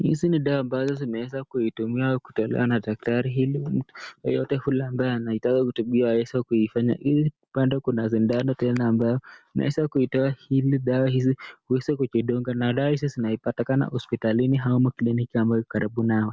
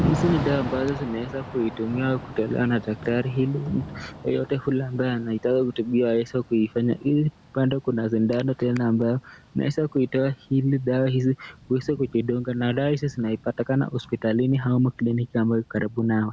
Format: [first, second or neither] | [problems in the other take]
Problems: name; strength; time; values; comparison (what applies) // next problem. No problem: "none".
first | background sound (Thunder / Rain); 14 dB below the speech